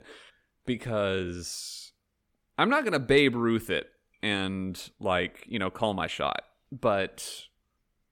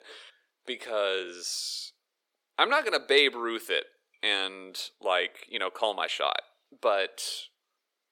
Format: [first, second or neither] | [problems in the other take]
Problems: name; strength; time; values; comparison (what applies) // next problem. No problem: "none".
first | thin; very; fading below 400 Hz